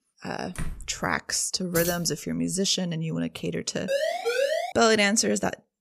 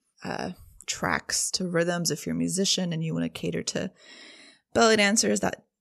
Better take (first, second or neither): second